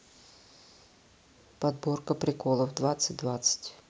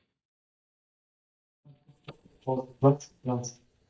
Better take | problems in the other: first | noise reduction (neural mask model DeepFilterNet 3)

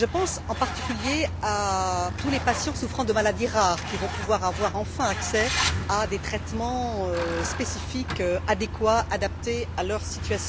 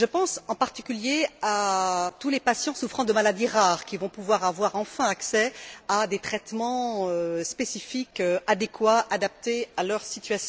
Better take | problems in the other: second | background sound (Truck); 5 dB below the speech

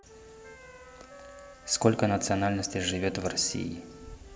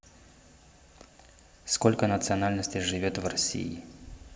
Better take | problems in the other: second | background sound (Wind instrument, woodwind instrument + Wind instrument, woodwind instrument); 20 dB below the speech

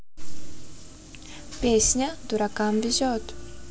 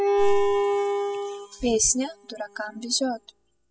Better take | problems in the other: first | noise reduction (classical method spectral subtraction)

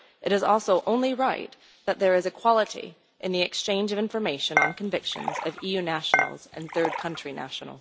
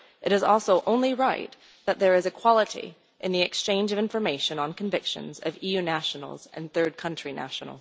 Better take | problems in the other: second | background sound (Dishes, pots, and pans / Chink, clink); 3 dB below the speech

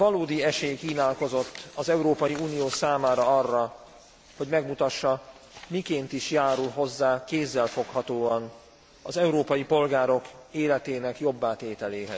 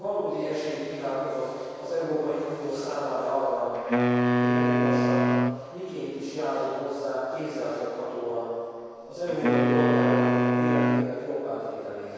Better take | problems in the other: first | background sound (Wind instrument, woodwind instrument); 5 dB above the speech // room echo; dies away in 2.2 s

